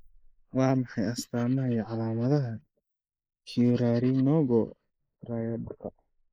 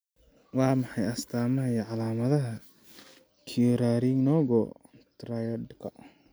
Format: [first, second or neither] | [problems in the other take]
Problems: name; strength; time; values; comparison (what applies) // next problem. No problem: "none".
second | noise reduction (neural mask model Resemble Enhance denoiser)